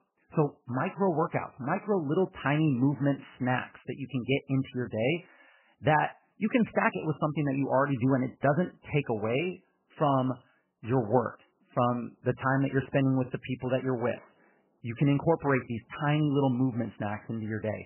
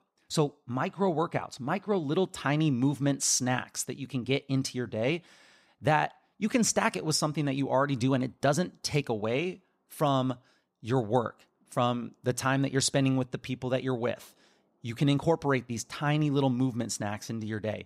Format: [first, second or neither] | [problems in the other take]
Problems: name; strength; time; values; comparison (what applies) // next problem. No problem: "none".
second | garbled, watery; badly; nothing above 3 kHz